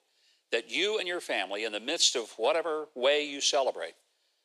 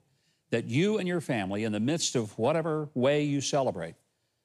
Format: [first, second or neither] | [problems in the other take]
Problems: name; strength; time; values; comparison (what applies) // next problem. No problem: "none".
second | thin; very; fading below 400 Hz